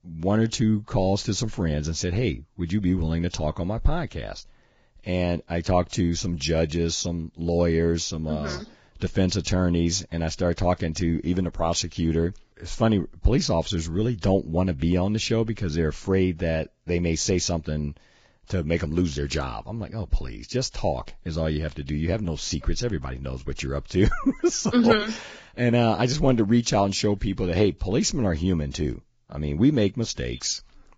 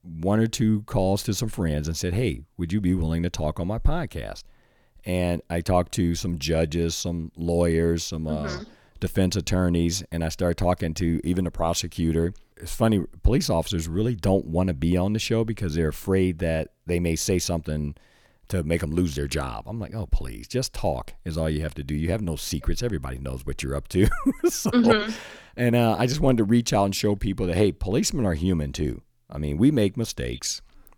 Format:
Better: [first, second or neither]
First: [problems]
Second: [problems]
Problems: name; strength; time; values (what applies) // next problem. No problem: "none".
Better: second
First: garbled, watery; badly; nothing above 7.5 kHz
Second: none